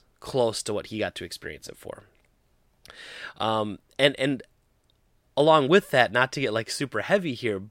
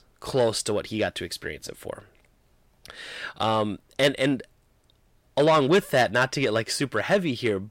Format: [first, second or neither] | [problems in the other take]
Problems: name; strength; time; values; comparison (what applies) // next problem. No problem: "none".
first | distortion; slight; 10 dB below the speech